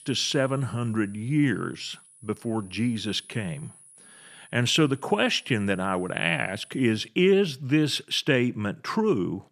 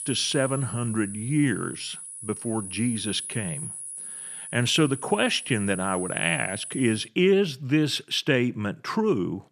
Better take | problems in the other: first | high-pitched whine; loud; until 7 s; 10.5 kHz, 9 dB below the speech; faint in the first

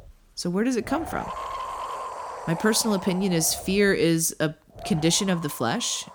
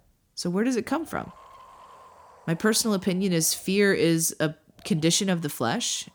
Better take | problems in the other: second | wind noise on the microphone; heavy; 8 dB below the speech; occasional gusts in the second

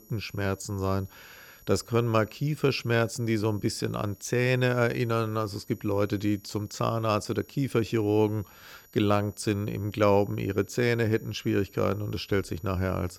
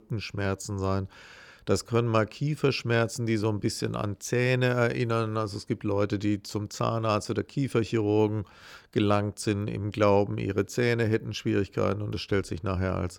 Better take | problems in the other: second | high-pitched whine; faint; throughout; 11.5 kHz, 25 dB below the speech

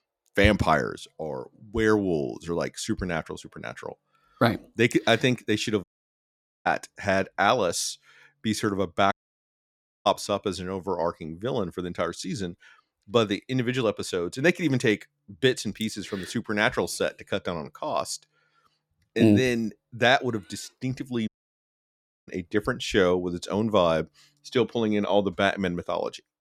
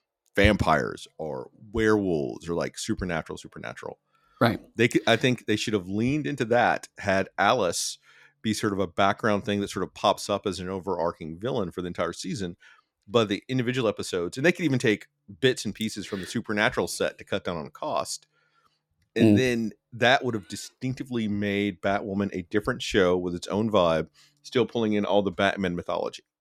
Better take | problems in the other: second | audio cutting out; at 6 s for 1 s, at 9 s for 1 s and at 21 s for 1 s

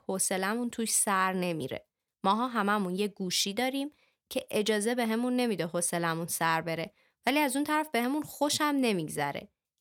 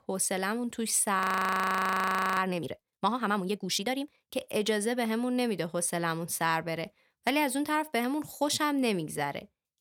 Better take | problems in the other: first | audio freezing; at 1 s for 1 s

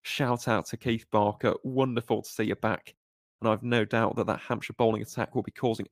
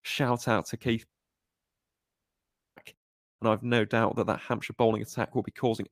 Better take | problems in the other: first | audio cutting out; at 1 s for 1.5 s

